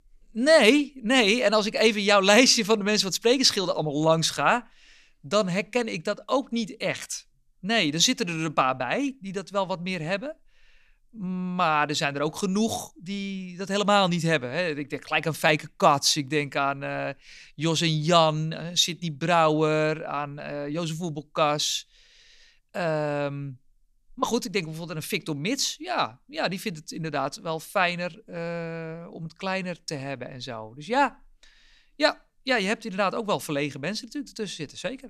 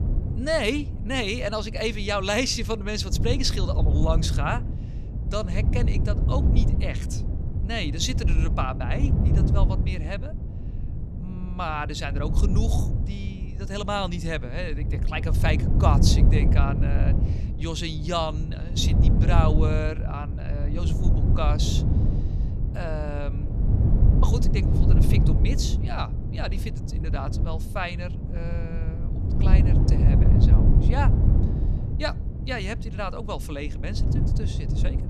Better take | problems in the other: first | wind noise on the microphone; heavy; 7 dB below the speech

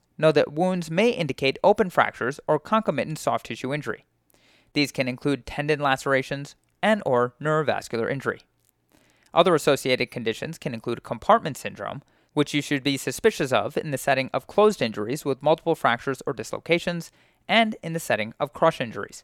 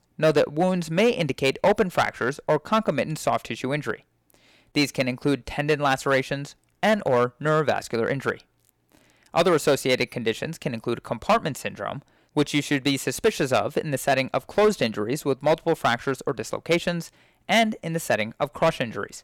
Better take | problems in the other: first | distortion; slight; 3% of the sound clipped

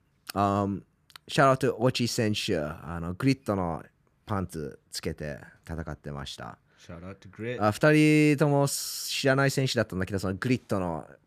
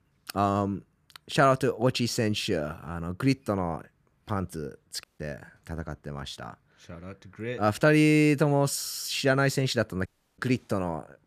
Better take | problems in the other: first | audio cutting out; at 5 s and at 10 s

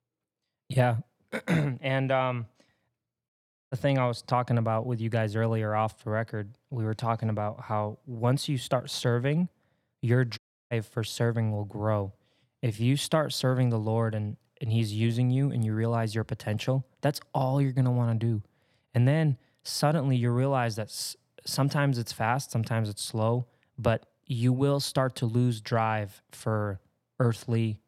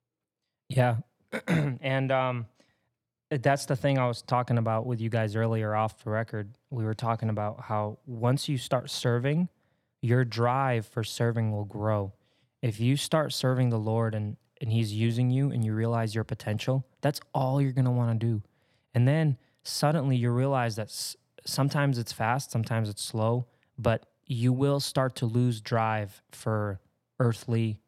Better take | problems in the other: second | audio cutting out; at 3.5 s and at 10 s

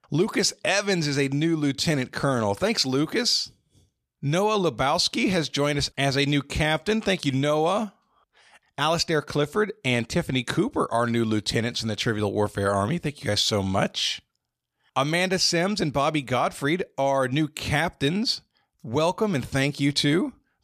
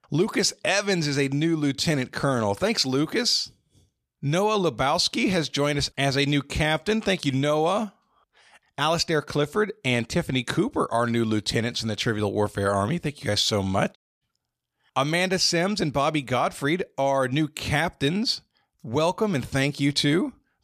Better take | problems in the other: first | audio cutting out; at 14 s

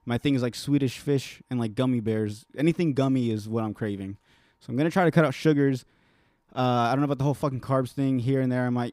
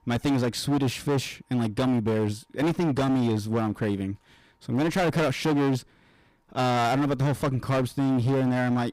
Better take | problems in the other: first | distortion; heavy; 21% of the sound clipped

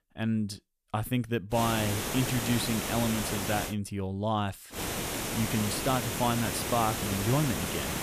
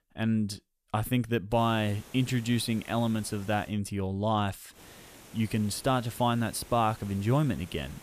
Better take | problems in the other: second | hiss; loud; from 1.5 to 3.5 s and from 5 s on; 1 dB below the speech; faint in the second

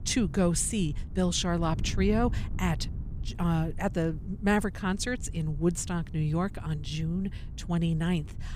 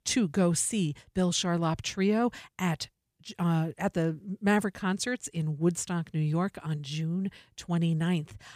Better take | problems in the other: second | wind noise on the microphone; occasional gusts; 20 dB below the speech

